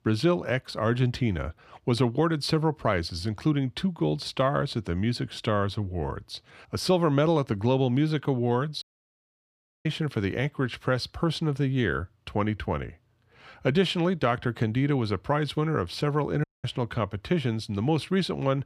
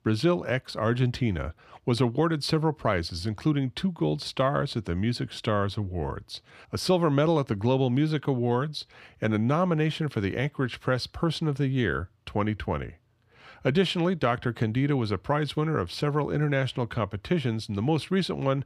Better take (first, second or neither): second